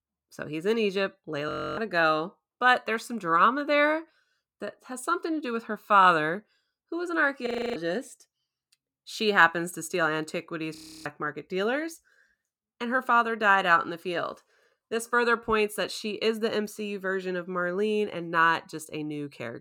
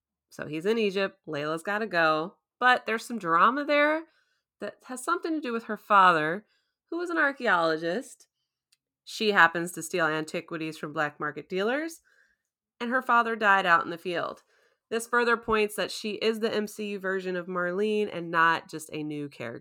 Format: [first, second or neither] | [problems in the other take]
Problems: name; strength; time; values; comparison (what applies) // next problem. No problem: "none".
second | audio freezing; at 1.5 s, at 7.5 s and at 11 s